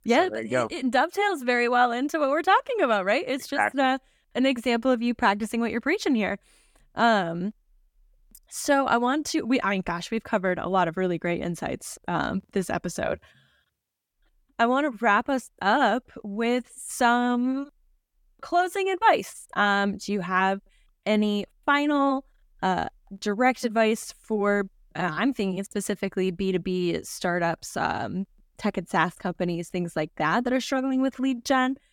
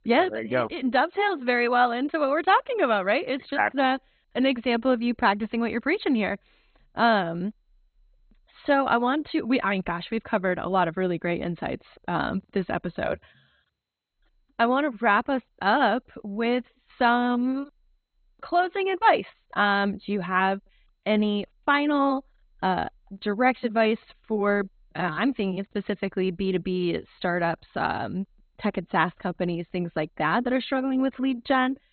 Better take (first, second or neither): first